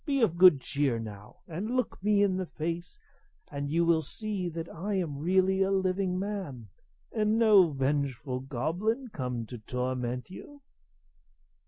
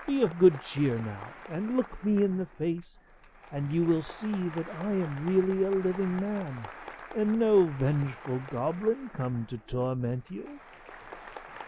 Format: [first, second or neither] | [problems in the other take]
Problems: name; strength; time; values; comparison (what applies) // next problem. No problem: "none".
first | background sound (Applause); 17 dB below the speech